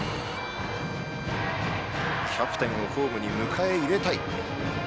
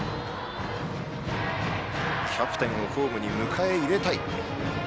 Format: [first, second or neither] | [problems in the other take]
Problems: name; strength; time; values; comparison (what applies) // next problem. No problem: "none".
second | background sound (Bowed string instrument); 14 dB below the speech